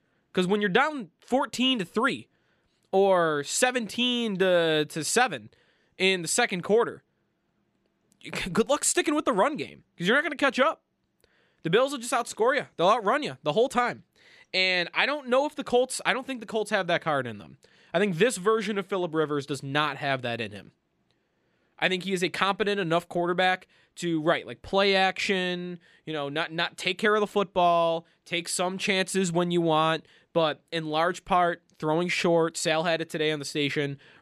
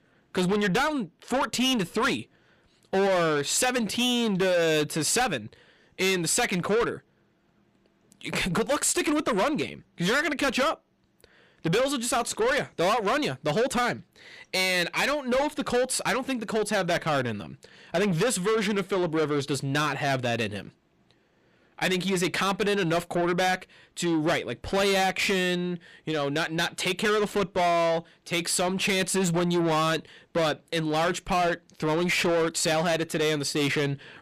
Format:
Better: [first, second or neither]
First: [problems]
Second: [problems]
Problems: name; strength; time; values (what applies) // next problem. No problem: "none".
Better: first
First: none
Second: distortion; heavy; 6 dB below the speech